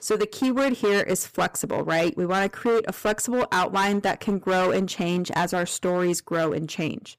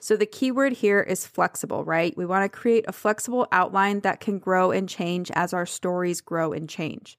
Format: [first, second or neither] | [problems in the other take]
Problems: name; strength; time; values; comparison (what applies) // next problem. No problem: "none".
second | distortion; heavy; 14% of the sound clipped